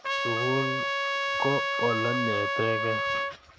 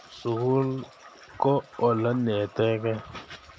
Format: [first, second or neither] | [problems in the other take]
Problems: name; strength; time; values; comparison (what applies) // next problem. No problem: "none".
second | background sound (Trumpet); 2 dB above the speech